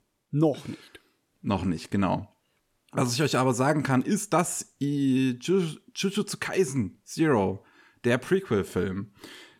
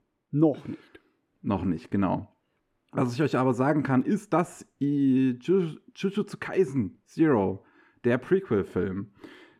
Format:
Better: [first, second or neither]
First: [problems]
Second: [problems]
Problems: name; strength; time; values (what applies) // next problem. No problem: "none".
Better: first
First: none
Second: muffled; slightly; fading above 3 kHz